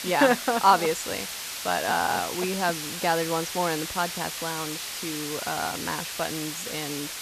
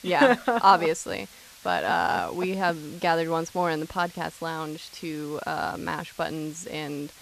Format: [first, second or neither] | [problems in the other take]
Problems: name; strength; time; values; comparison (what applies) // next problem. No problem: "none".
second | hiss; loud; throughout; 5 dB below the speech; faint in the second